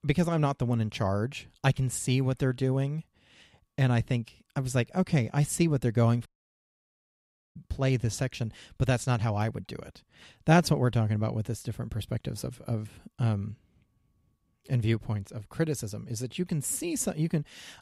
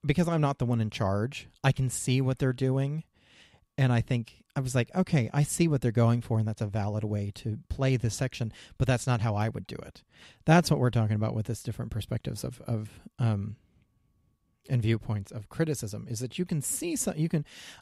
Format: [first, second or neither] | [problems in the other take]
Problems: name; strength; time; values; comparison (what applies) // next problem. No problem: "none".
second | audio cutting out; at 6.5 s for 1.5 s